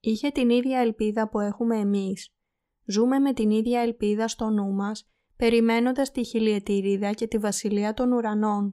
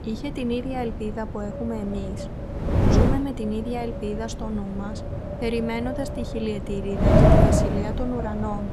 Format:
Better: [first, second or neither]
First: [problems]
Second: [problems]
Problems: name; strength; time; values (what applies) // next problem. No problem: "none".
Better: first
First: none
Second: wind noise on the microphone; heavy; 4 dB above the speech